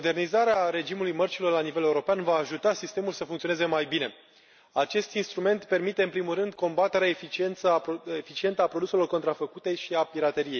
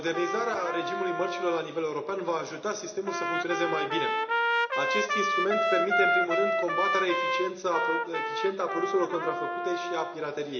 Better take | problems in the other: first | background sound (Trumpet); 1 dB above the speech // room echo; dies away in 0.8 s

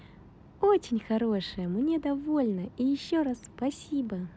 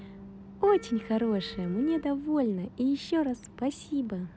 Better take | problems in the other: first | background sound (Bass guitar + Wind instrument, woodwind instrument); 19 dB below the speech

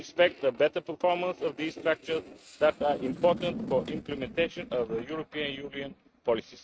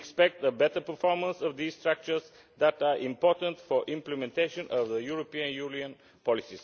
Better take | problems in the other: second | noise reduction (neural mask model RNNoise)

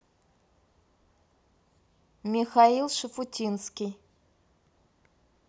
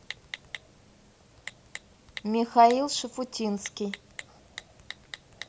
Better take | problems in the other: first | background sound (Typing); 16 dB below the speech

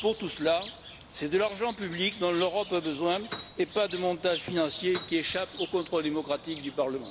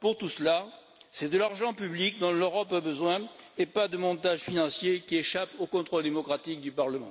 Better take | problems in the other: second | background sound (Bird + Piano); 15 dB below the speech

